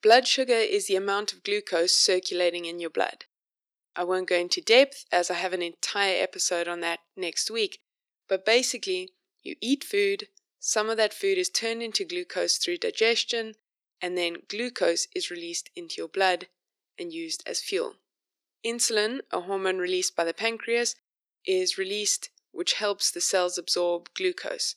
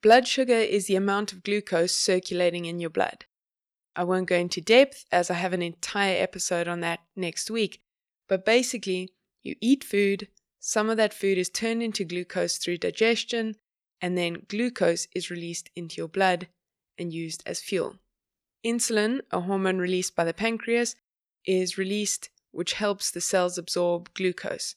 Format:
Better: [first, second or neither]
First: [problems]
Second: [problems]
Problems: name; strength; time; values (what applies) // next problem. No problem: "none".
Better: second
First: thin; somewhat; fading below 300 Hz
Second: none